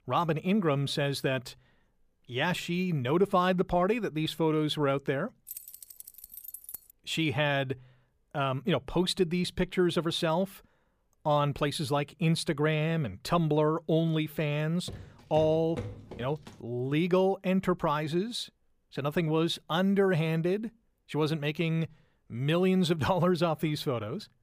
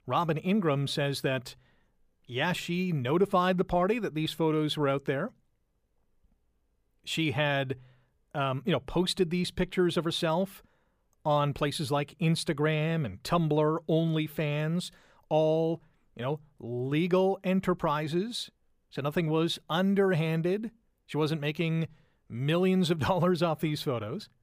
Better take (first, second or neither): second